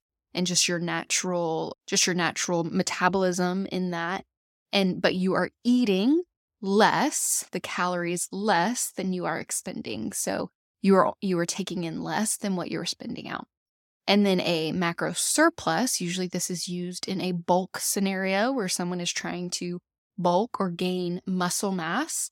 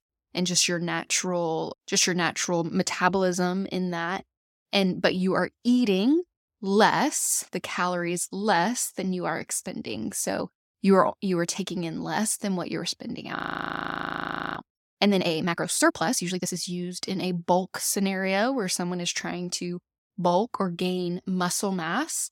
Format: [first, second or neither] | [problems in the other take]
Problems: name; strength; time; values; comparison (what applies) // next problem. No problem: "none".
first | audio freezing; at 13 s for 1 s